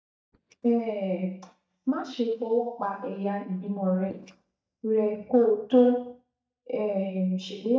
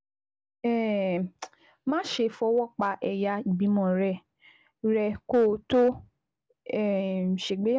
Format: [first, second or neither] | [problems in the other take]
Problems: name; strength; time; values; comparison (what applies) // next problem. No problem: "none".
second | noise reduction (neural mask model DeepFilterNet 3)